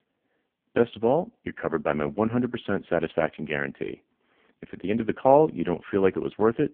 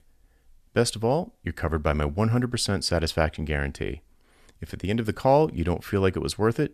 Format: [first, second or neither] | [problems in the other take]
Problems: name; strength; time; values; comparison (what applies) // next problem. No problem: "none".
second | phone-call audio; poor line